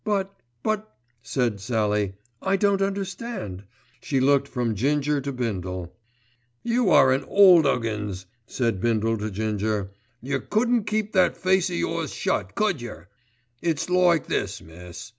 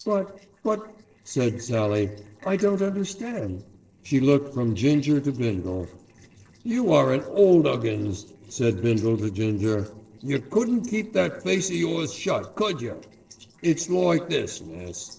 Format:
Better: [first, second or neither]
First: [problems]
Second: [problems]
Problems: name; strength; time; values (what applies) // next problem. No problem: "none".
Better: first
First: none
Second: noise reduction (neural separator model SepFormer DNS4)